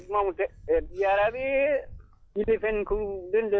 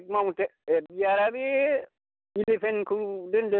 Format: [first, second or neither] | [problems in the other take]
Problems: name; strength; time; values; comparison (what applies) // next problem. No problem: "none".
second | noise reduction (classical method log-MMSE)